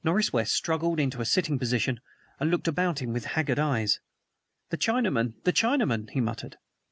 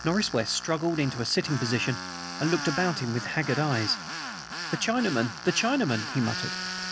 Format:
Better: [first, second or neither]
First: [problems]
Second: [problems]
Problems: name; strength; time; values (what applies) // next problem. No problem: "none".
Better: first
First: none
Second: background sound (Tools); 8 dB below the speech